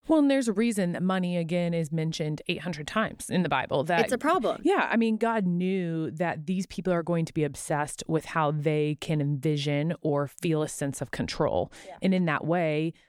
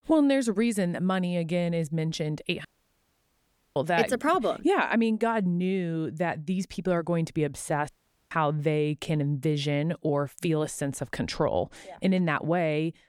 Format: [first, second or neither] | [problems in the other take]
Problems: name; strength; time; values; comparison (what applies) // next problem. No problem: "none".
first | audio cutting out; at 2.5 s for 1 s and at 8 s